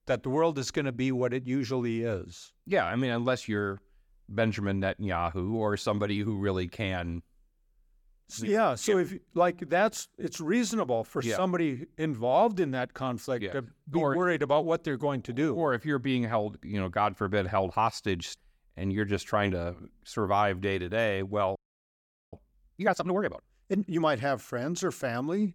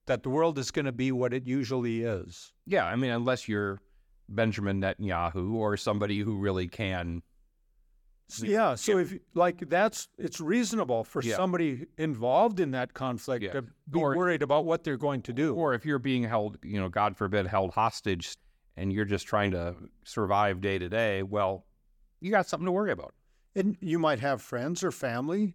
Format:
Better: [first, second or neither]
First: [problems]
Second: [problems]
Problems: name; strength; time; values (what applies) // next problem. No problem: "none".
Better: second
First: audio freezing; at 22 s for 1 s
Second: none